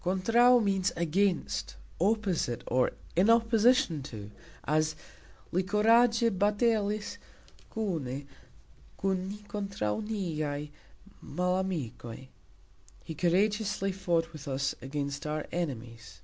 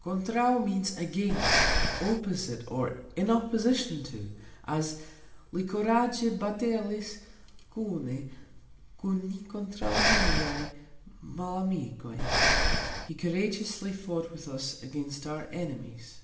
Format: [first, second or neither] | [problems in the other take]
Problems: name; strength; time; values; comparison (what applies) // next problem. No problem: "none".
first | background sound (Breathing); 2 dB above the speech // room echo; dies away in 0.8 s